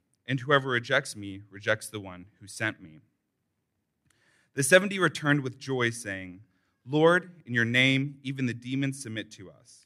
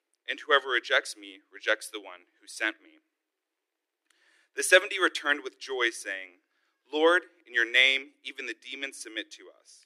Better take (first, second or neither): first